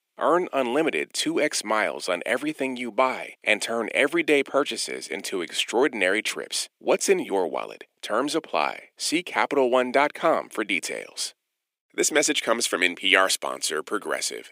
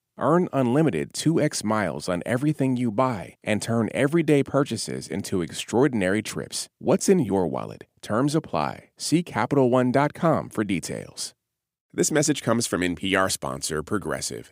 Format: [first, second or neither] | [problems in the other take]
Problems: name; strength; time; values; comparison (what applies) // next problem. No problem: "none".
second | thin; somewhat; fading below 350 Hz